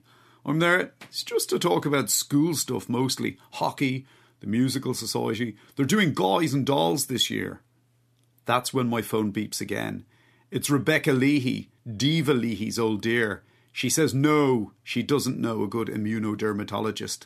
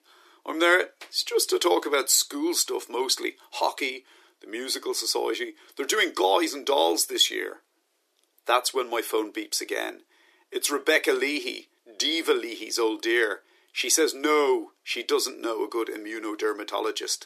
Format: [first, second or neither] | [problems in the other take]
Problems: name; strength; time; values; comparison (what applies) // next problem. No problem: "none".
first | thin; very; fading below 350 Hz